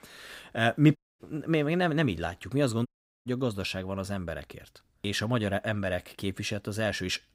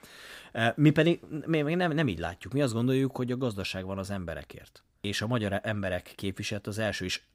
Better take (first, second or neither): second